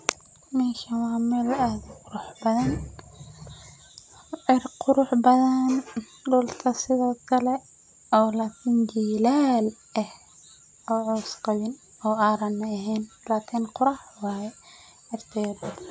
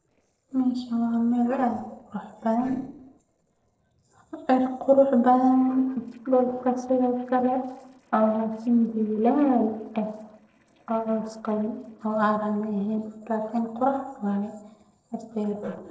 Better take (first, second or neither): first